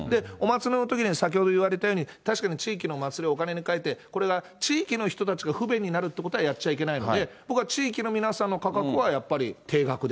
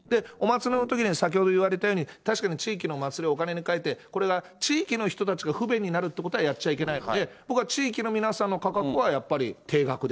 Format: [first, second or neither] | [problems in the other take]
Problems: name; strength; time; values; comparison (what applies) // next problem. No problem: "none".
first | noise reduction (neural separator model SepFormer DNS4)